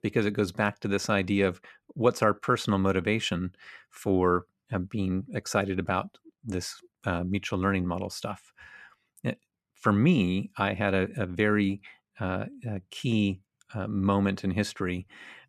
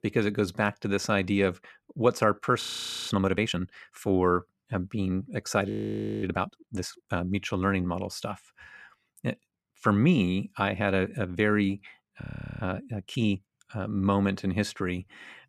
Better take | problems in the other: first | audio freezing; at 2.5 s, at 5.5 s for 0.5 s and at 12 s

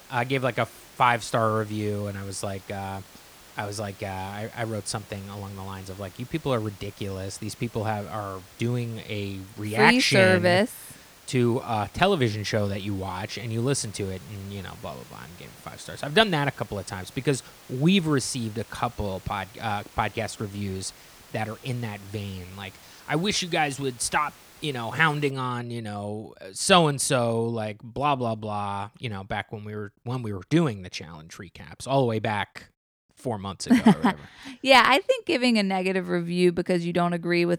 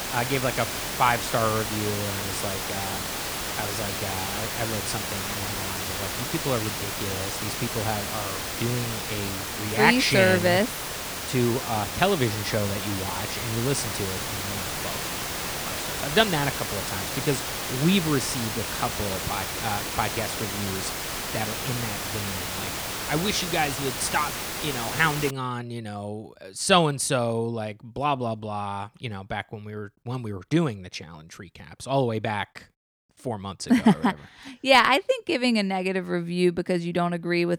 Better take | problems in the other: first | hiss; loud; until 25 s; 3 dB below the speech; faint in the first

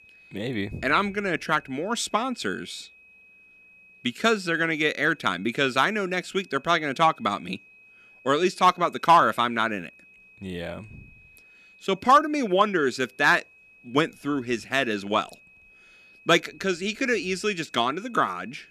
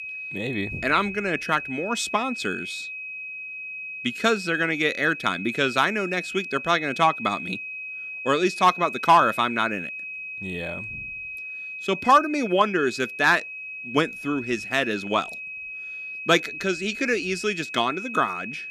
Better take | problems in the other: first | high-pitched whine; loud; throughout; 2.5 kHz, 9 dB below the speech; faint in the first

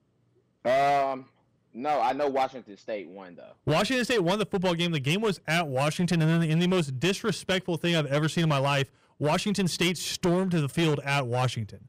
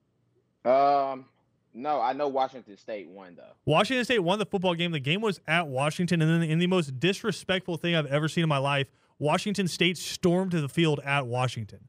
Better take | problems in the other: second | distortion; slight; 11% of the sound clipped

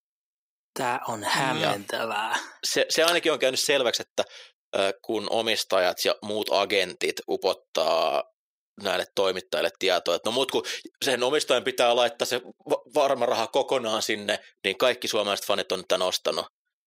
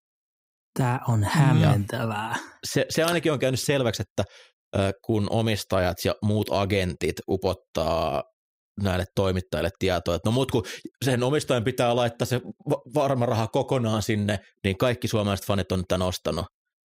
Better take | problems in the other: second | thin; very; fading below 450 Hz

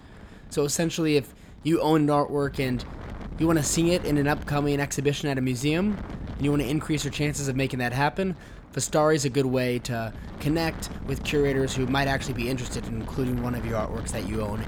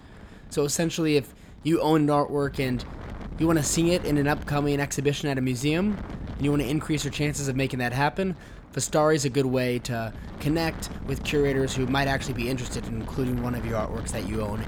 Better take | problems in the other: neither | wind noise on the microphone; occasional gusts; 15 dB below the speech; the same in both

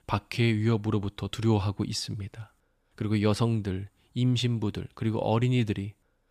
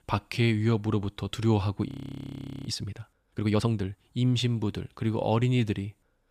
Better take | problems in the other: first | audio freezing; at 2 s for 1 s

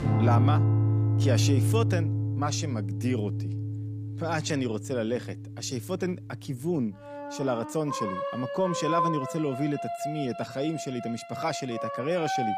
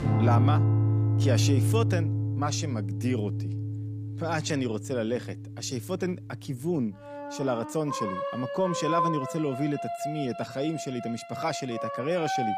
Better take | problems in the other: neither | background music; very loud; throughout; 2 dB above the speech; the same in both

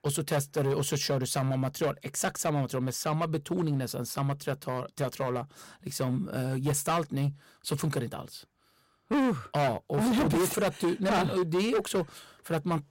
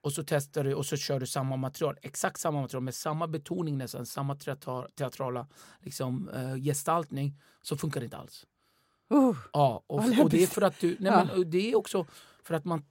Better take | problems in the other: second | distortion; heavy; 12% of the sound clipped

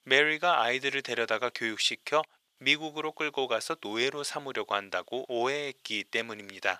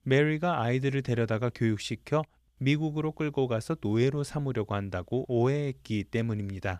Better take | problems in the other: second | thin; very; fading below 650 Hz

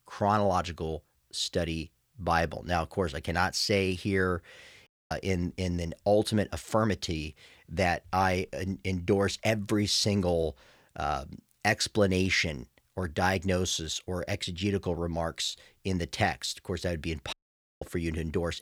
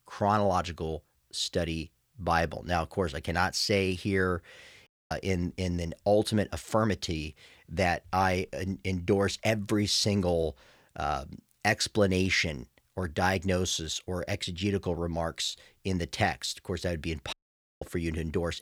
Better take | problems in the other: neither | audio cutting out; at 5 s and at 17 s; the same in both

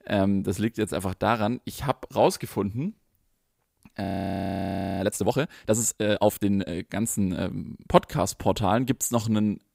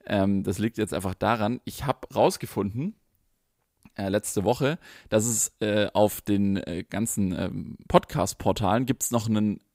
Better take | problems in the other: second | audio freezing; at 4 s for 1 s

